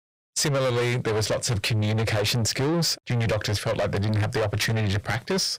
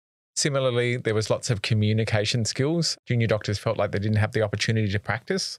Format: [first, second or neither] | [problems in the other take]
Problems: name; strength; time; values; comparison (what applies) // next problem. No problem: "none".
second | distortion; heavy; 6 dB below the speech